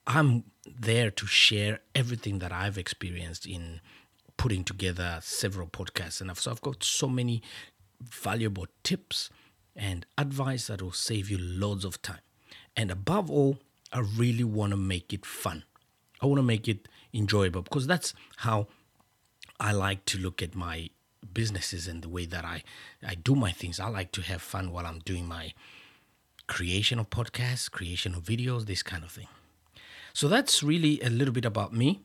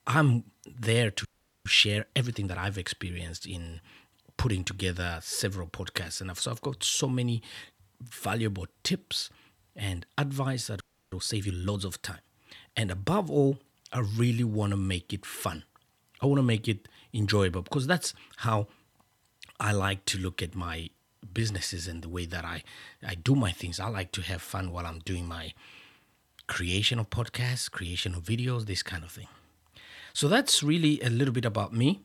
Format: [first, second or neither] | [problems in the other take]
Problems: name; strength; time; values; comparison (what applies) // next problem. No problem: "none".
first | audio freezing; at 1.5 s and at 11 s